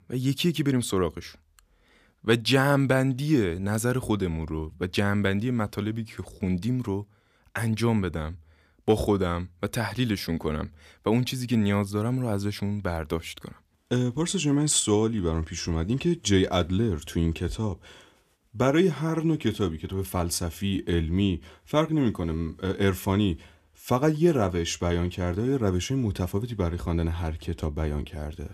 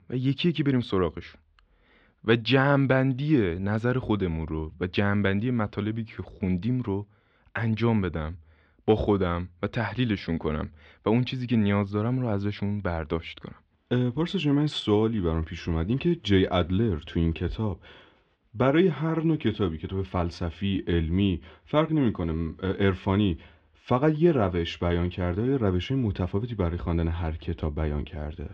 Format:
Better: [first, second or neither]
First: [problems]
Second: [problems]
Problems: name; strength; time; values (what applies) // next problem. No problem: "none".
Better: first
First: none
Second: muffled; slightly; fading above 3.5 kHz